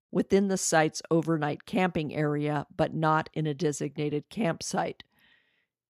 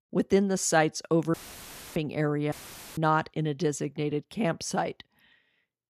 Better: first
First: none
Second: audio cutting out; filled with static; at 1.5 s for 0.5 s and at 2.5 s

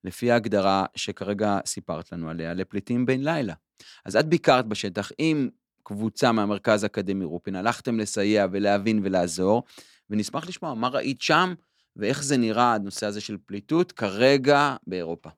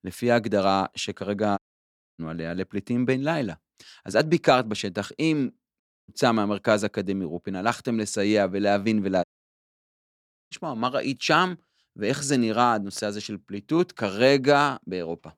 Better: first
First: none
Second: audio cutting out; at 1.5 s for 0.5 s, at 6 s and at 9 s for 1.5 s

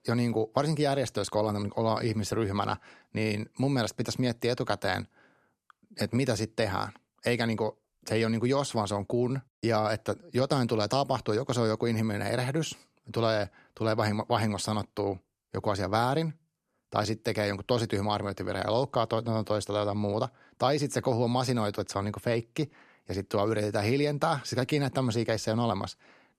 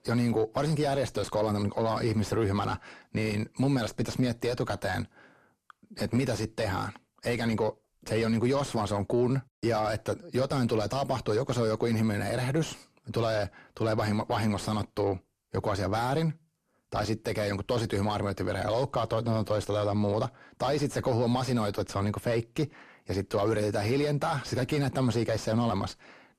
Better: first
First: none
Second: distortion; heavy; 7 dB below the speech

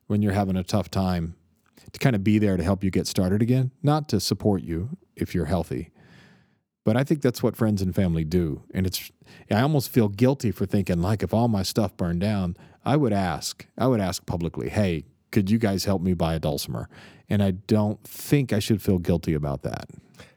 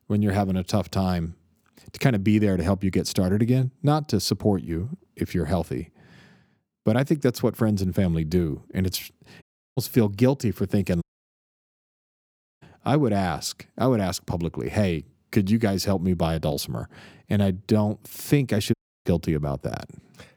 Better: first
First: none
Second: audio cutting out; at 9.5 s, at 11 s for 1.5 s and at 19 s

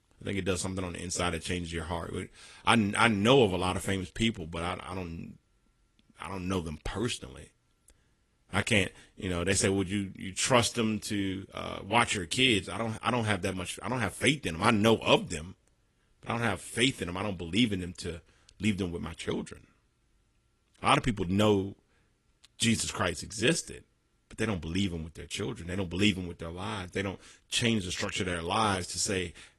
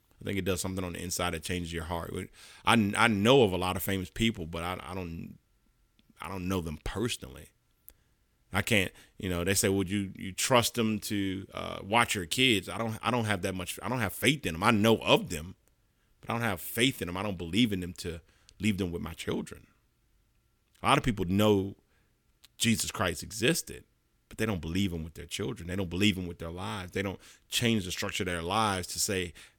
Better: second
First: garbled, watery; slightly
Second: none

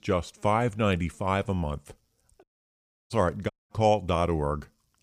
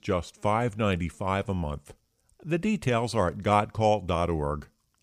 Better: second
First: audio cutting out; at 2.5 s for 0.5 s and at 3.5 s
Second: none

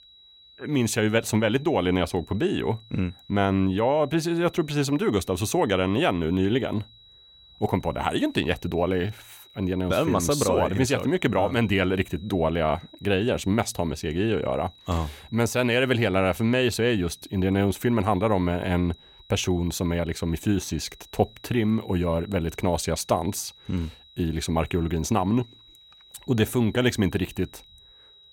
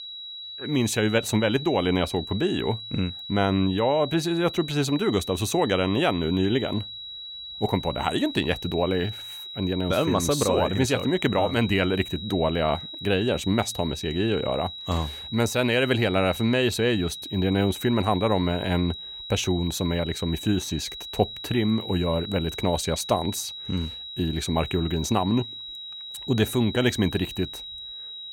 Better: first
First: high-pitched whine; faint; throughout; 4 kHz, 25 dB below the speech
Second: high-pitched whine; loud; throughout; 4 kHz, 10 dB below the speech

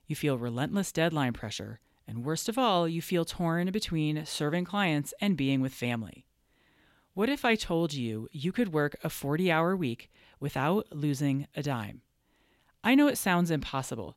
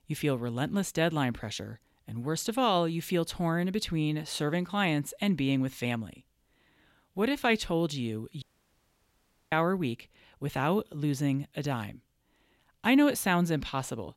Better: first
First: none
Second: audio cutting out; at 8.5 s for 1 s

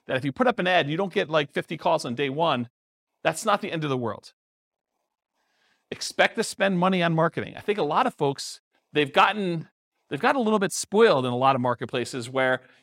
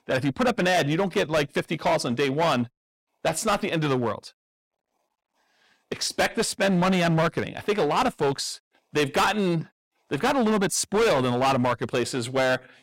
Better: first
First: none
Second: distortion; heavy; 12% of the sound clipped

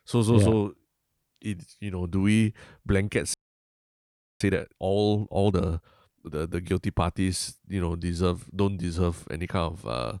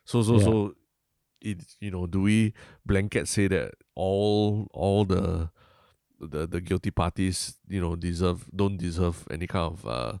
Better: second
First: audio freezing; at 3.5 s for 1 s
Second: none

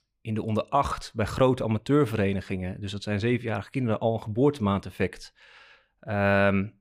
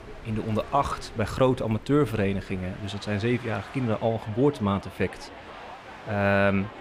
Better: first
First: none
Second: train or aircraft noise; noticeable; throughout; 15 dB below the speech

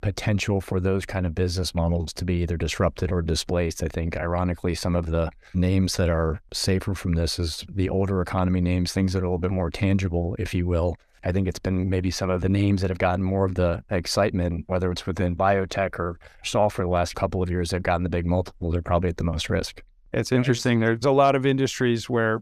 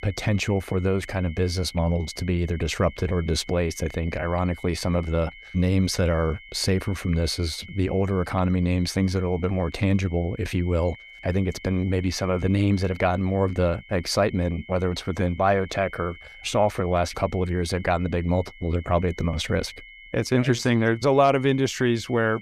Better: first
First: none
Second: high-pitched whine; noticeable; throughout; 2 kHz, 20 dB below the speech

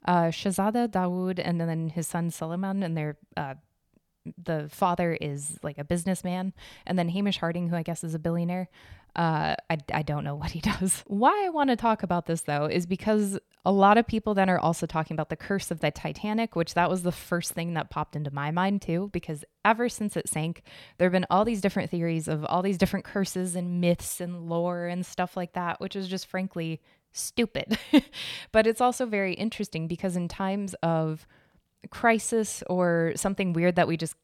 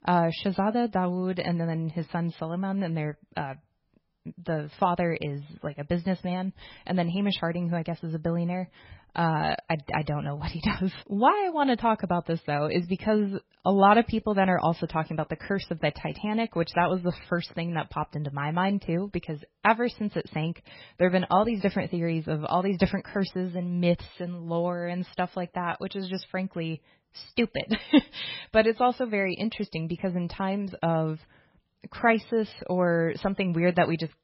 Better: first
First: none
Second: garbled, watery; badly; nothing above 5.5 kHz

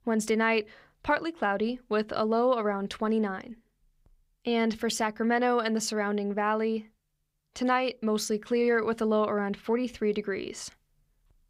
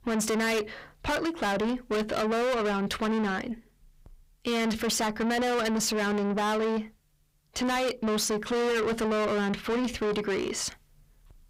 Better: first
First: none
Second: distortion; heavy; 5 dB below the speech

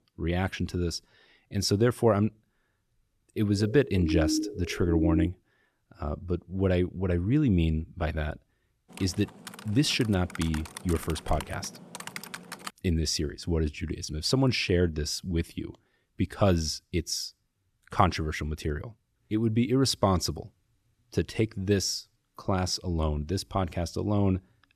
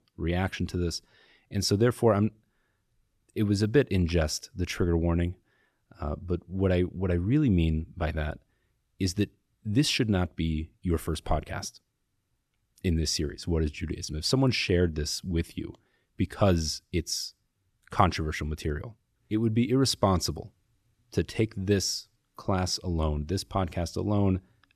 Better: second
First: siren; loud; from 3.5 to 5.5 s; peak level with the speech // keyboard typing; faint; from 9 to 13 s; peak 10 dB below the speech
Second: none

